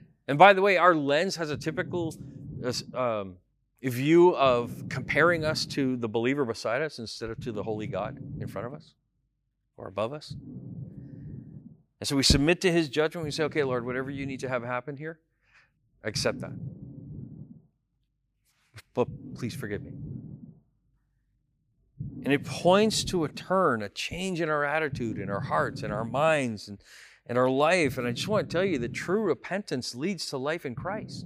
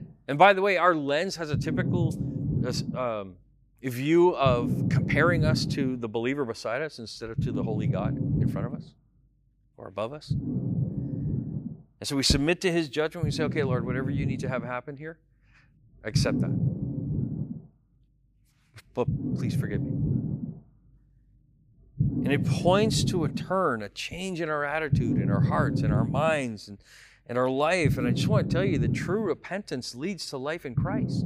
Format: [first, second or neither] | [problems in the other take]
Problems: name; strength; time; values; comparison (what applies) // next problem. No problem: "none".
first | low rumble; loud; throughout; 10 dB below the speech; faint in the first